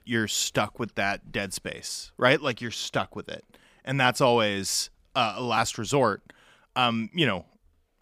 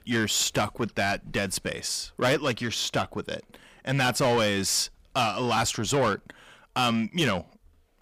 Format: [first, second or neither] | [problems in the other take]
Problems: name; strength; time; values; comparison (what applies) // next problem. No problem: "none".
first | distortion; heavy; 8 dB below the speech